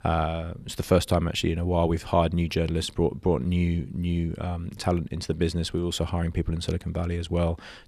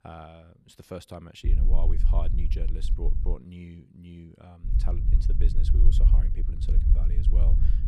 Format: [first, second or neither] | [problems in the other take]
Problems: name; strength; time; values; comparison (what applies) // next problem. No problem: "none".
first | low rumble; loud; from 1.5 to 3.5 s and from 4.5 s on; 2 dB below the speech